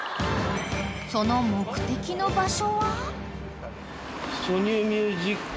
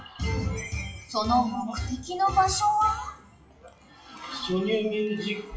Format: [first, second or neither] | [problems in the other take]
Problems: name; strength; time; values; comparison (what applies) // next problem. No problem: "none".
first | noise reduction (classical method WPE with log-MMSE)